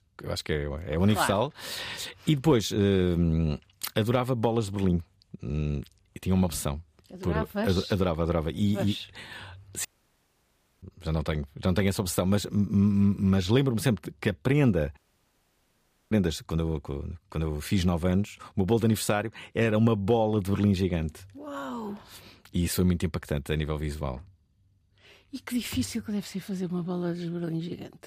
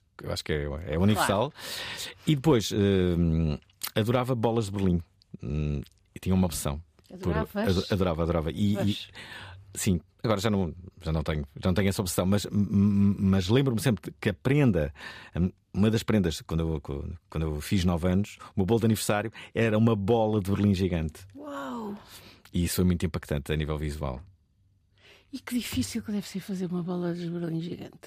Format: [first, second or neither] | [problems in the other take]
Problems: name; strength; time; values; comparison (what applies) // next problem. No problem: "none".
second | audio cutting out; at 10 s for 1 s and at 15 s for 1 s